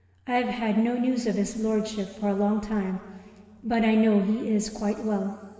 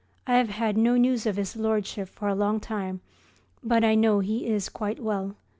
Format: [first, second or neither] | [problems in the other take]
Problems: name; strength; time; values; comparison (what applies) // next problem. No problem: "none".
second | room echo; dies away in 2.8 s